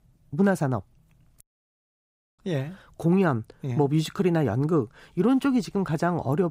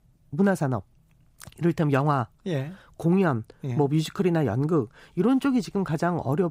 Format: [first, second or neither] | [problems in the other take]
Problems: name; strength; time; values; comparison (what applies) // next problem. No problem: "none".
second | audio cutting out; at 1.5 s for 1 s